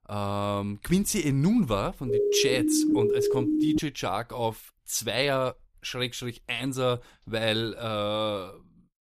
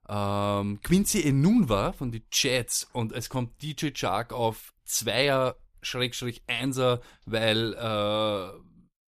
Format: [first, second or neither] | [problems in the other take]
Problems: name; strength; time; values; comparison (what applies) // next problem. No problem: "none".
second | siren; loud; from 2 to 4 s; peak 5 dB above the speech